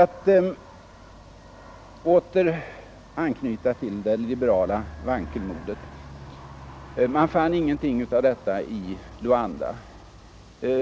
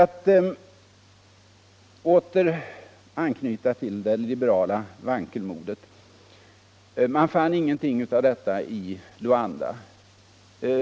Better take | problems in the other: second | background sound (Aircraft); 18 dB below the speech

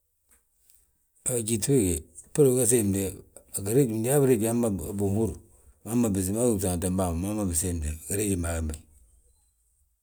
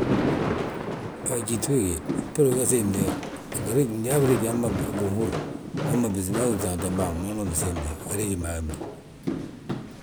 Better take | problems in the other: first | background sound (Thunder + Walk, footsteps); 3 dB below the speech

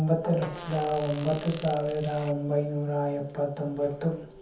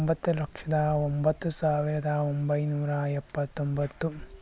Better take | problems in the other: second | background sound (Fart); 16 dB below the speech // room echo; dies away in 0.7 s

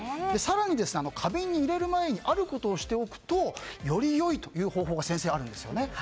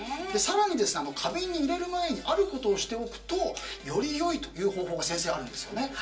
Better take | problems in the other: first | room echo; dies away in 0.3 s

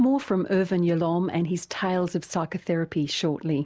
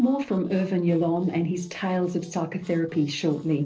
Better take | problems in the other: first | noise reduction (neural separator model SepFormer DNS4)

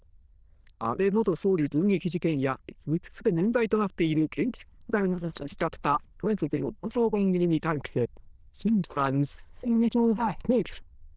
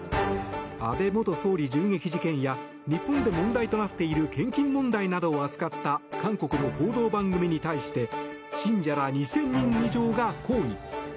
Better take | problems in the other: second | noise reduction (neural diffusion model UNIVERSE++)

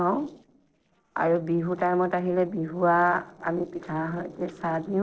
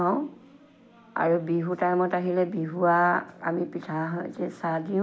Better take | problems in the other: second | noise reduction (neural separator model SepFormer DNS4)

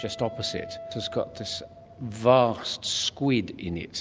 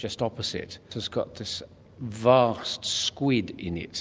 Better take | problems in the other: second | background sound (Guitar); 17 dB below the speech

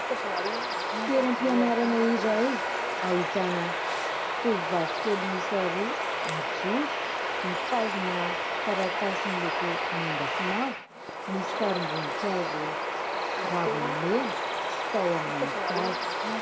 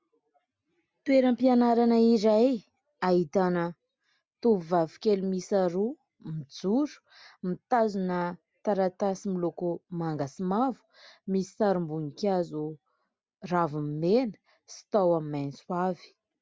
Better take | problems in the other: second | background sound (Bird vocalization, bird call, bird song); 1 dB above the speech // room echo; dies away in 0.3 s

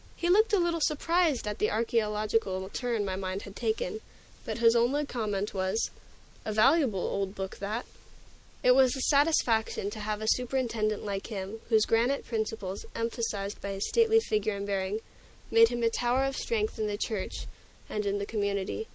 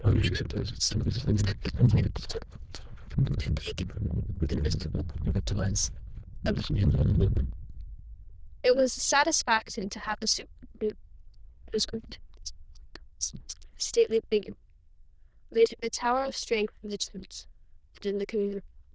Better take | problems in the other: first | noise reduction (neural diffusion model UNIVERSE++)

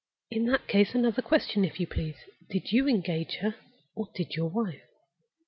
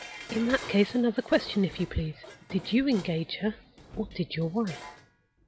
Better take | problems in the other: first | background sound (Dishes, pots, and pans); 16 dB below the speech

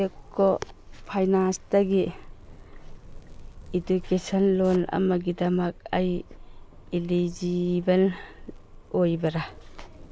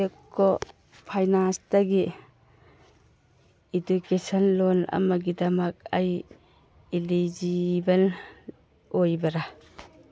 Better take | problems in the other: second | background sound (Zipper (clothing)); 17 dB below the speech

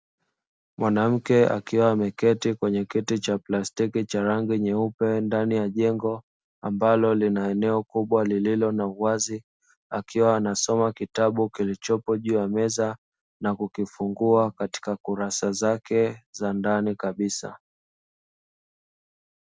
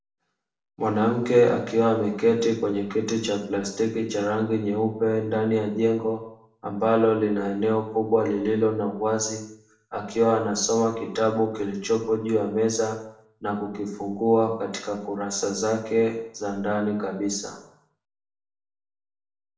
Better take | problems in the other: first | room echo; dies away in 0.6 s

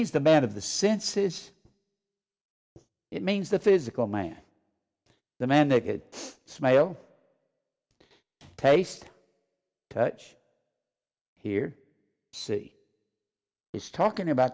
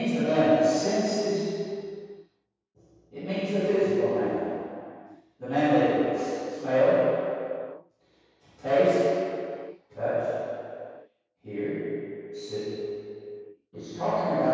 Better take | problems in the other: first | room echo; dies away in 2.2 s

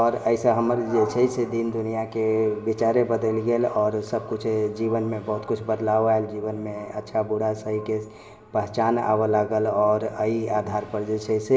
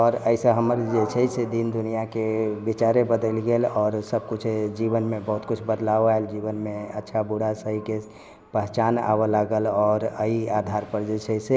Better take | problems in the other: second | room echo; dies away in 2 s

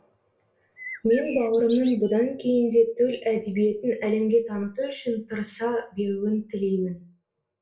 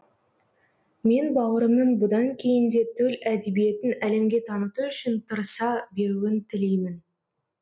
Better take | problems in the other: second | background sound (Bird); 19 dB below the speech // room echo; dies away in 0.3 s

